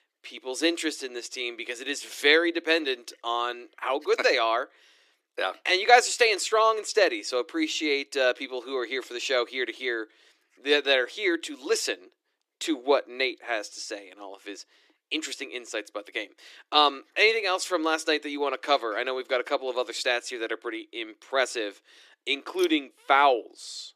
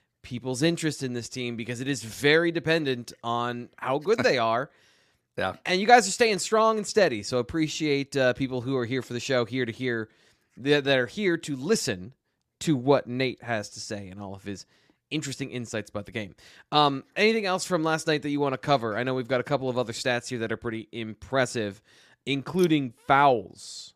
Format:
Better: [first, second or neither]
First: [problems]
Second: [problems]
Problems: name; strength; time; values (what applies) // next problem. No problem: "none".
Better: second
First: thin; somewhat; fading below 300 Hz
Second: none